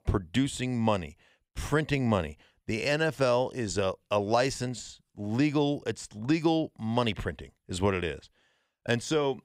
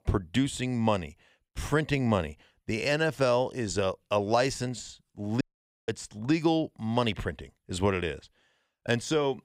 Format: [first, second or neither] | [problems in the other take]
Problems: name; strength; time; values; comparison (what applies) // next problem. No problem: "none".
first | audio cutting out; at 5.5 s